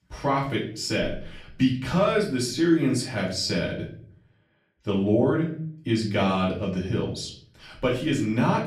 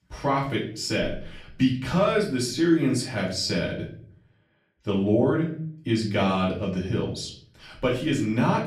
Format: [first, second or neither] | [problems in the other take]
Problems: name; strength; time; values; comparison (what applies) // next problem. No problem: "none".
neither | off-mic speech; far; the same in both // room echo; slight; dies away in 0.5 s; the same in both